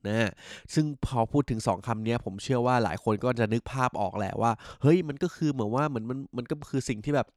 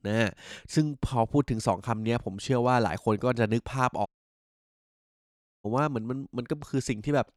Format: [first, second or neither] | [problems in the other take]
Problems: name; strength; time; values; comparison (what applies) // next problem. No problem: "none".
first | audio cutting out; at 4 s for 1.5 s